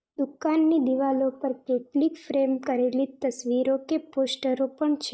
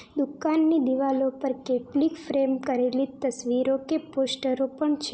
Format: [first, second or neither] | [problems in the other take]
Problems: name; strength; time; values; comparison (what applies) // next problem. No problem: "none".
second | noise reduction (neural mask model DeepFilterNet 3)